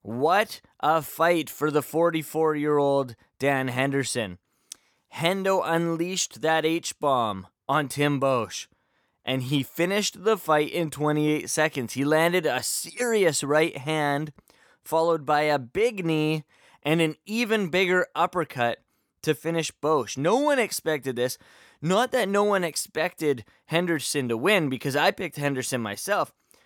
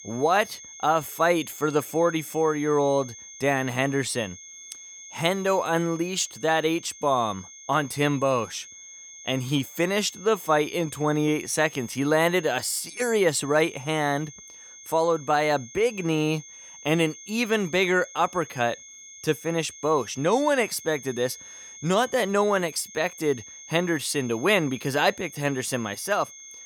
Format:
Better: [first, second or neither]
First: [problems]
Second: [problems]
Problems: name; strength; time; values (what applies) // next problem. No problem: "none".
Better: first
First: none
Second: high-pitched whine; noticeable; throughout; 6.5 kHz, 15 dB below the speech